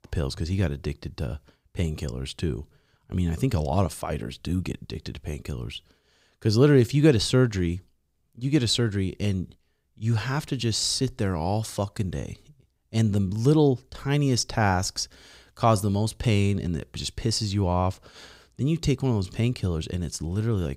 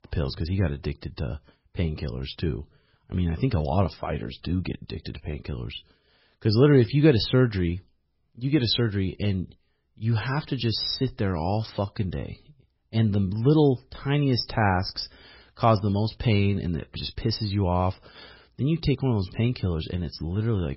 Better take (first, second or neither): first